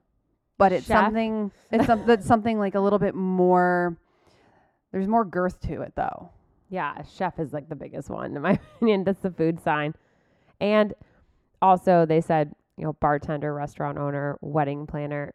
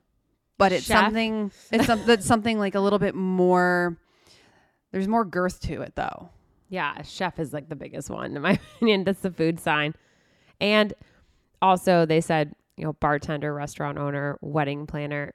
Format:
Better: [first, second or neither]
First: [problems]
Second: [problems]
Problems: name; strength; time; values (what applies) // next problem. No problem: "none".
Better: second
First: muffled; slightly; fading above 2 kHz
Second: none